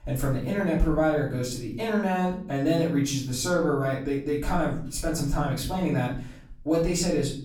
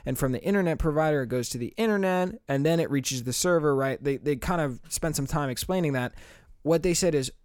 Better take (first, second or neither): second